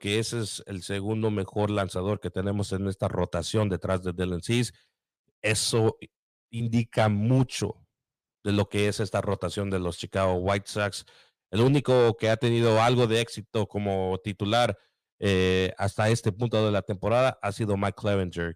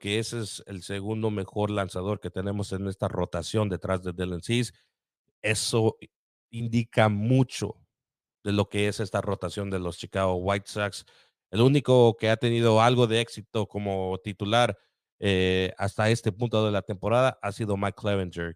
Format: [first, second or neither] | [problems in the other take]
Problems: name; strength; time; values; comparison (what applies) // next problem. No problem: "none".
second | distortion; slight; 10 dB below the speech